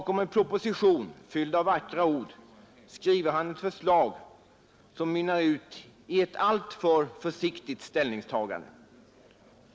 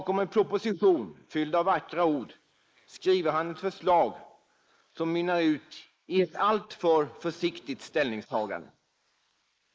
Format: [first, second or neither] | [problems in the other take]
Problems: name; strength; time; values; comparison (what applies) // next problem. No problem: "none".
first | noise reduction (neural mask model Resemble Enhance denoiser)